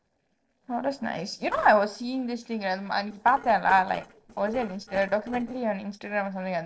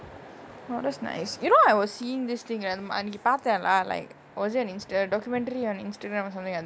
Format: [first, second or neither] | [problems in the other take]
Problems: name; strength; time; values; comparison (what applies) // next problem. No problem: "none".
second | noise reduction (neural separator model SepFormer DNS4)